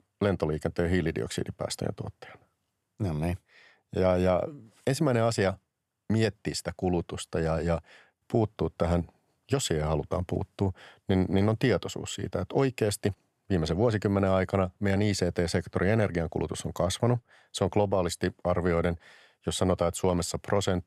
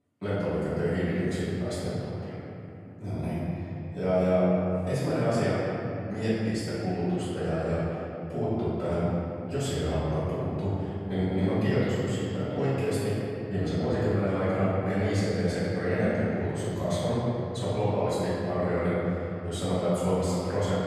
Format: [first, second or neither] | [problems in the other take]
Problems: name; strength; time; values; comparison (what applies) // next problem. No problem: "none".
first | room echo; strong; dies away in 3 s // off-mic speech; far